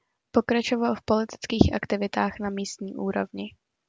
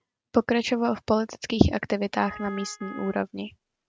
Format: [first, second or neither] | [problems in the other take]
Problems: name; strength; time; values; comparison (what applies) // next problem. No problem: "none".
first | noise reduction (neural mask model RNNoise)